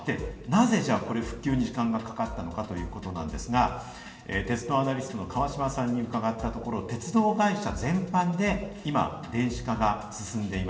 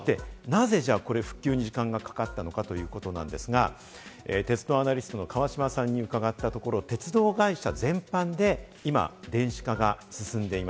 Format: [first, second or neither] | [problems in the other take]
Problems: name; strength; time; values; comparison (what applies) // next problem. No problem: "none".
second | room echo; dies away in 0.9 s